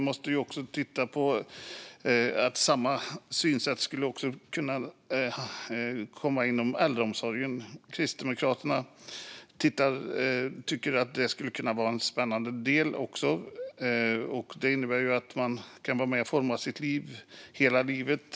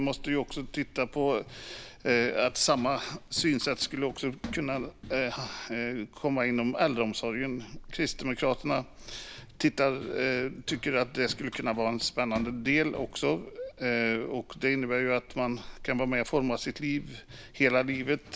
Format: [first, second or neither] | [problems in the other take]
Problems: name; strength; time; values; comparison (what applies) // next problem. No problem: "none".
first | background sound (Run); 17 dB below the speech